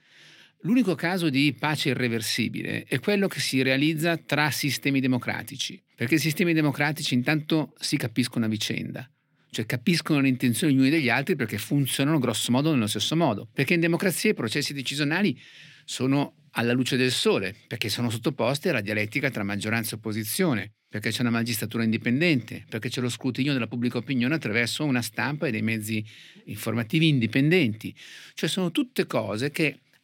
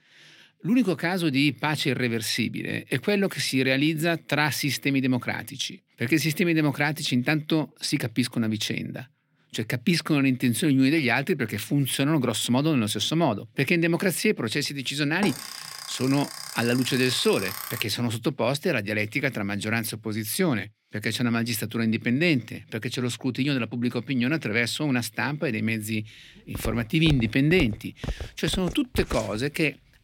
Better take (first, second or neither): first